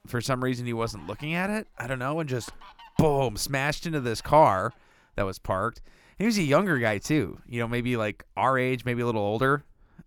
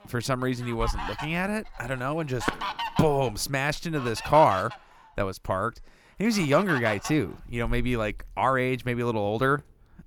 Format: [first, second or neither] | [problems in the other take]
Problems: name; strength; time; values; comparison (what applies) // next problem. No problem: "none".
first | animal sounds; loud; throughout; 9 dB below the speech; faint in the first